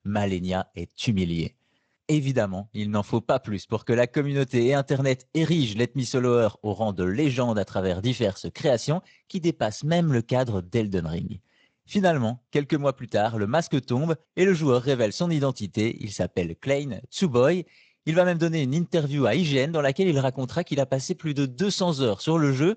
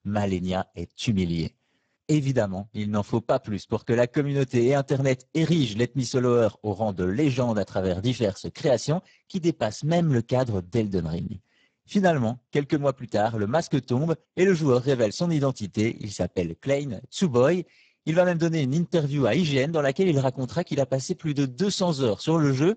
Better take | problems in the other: first | garbled, watery; badly; nothing above 8 kHz; slightly in the first

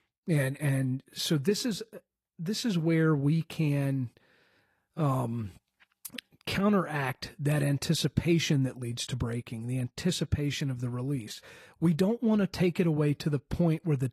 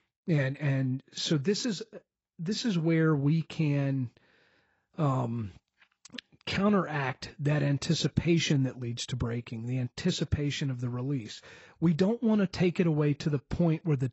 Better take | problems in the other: first | garbled, watery; badly; nothing above 8 kHz; slightly in the first

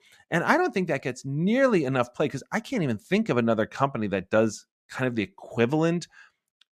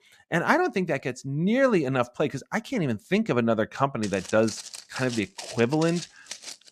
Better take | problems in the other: first | footsteps; faint; from 4 s on; peak 10 dB below the speech

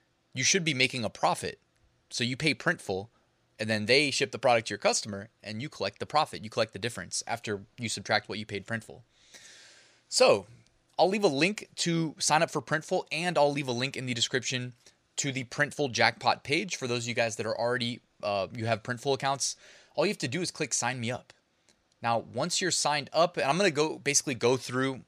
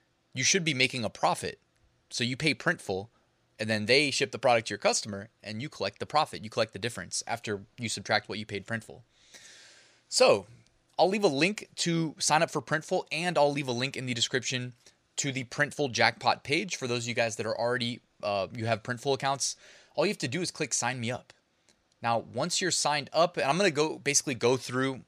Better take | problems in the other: neither | none

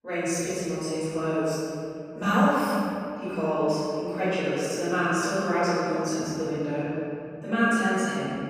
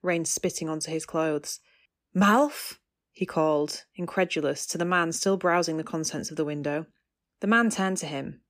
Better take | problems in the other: second | off-mic speech; far // room echo; strong; dies away in 2.8 s

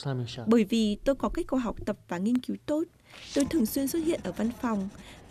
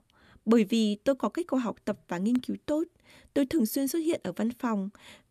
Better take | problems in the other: second | household noises; noticeable; throughout; 15 dB below the speech

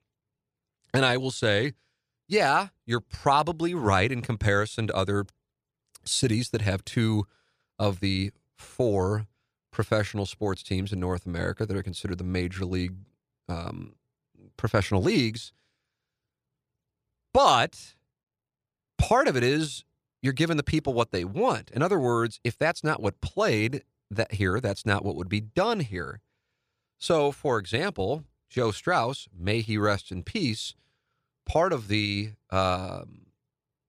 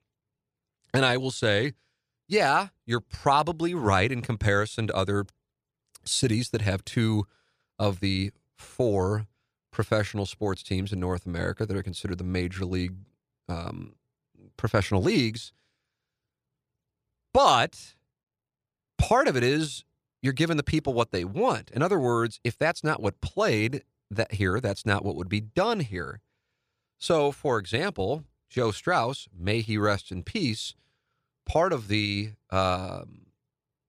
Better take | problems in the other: neither | none

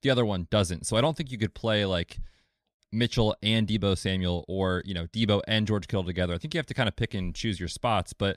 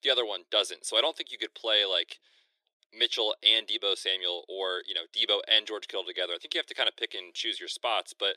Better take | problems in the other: first | thin; very; fading below 350 Hz

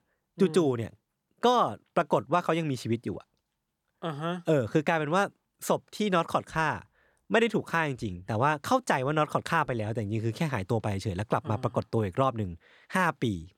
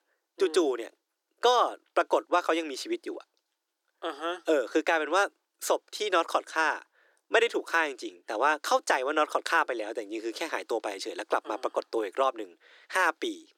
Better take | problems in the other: first | thin; very; fading below 300 Hz

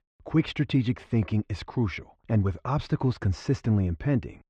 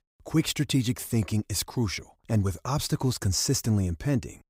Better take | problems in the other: second | muffled; very; fading above 3 kHz

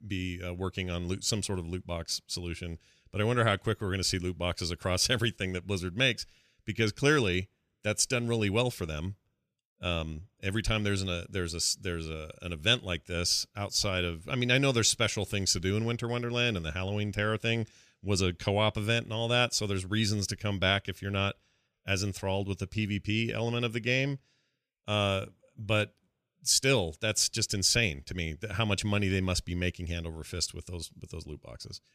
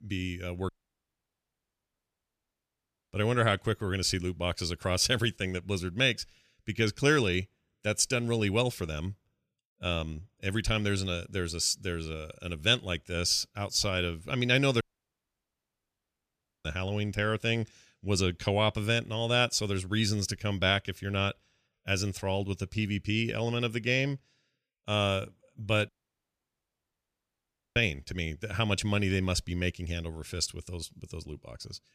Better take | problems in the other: first | audio cutting out; at 0.5 s for 2.5 s, at 15 s for 2 s and at 26 s for 2 s

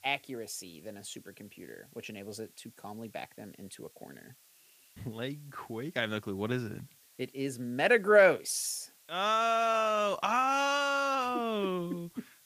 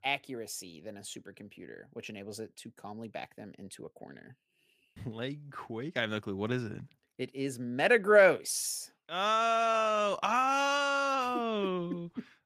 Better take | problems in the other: second | hiss; faint; throughout; 30 dB below the speech

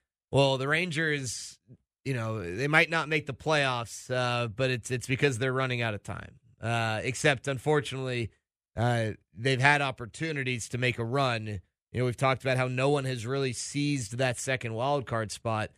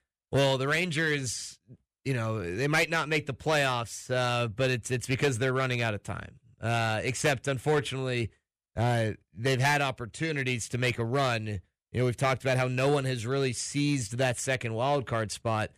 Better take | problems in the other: first | distortion; slight; 4% of the sound clipped

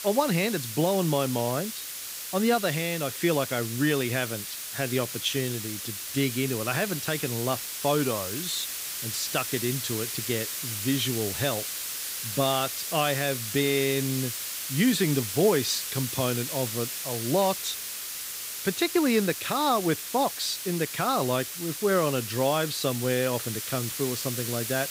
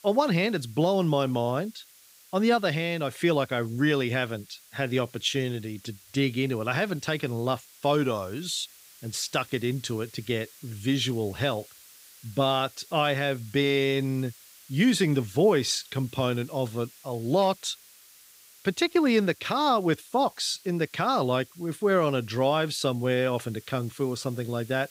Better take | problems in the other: second | hiss; loud; throughout; 4 dB below the speech; faint in the second

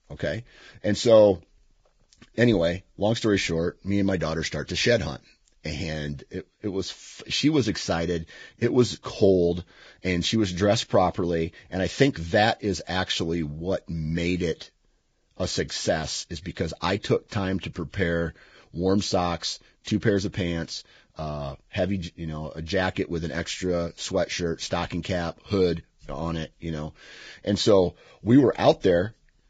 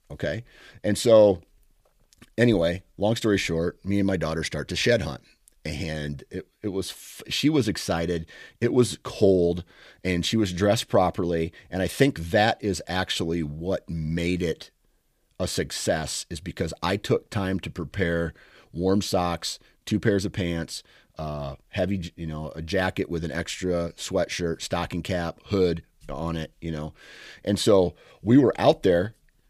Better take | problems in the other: second | garbled, watery; badly; nothing above 7.5 kHz

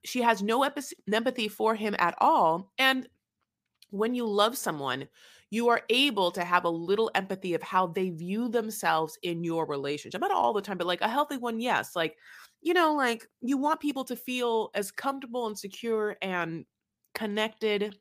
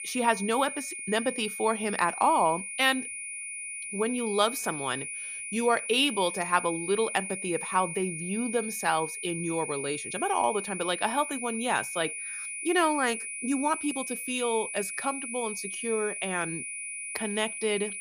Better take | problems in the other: first | high-pitched whine; loud; throughout; 9.5 kHz, 5 dB below the speech

